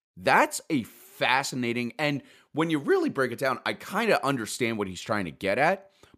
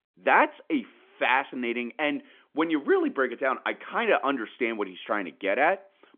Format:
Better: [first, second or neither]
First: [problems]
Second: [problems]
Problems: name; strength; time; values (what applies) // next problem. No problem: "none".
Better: first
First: none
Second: phone-call audio; nothing above 3.5 kHz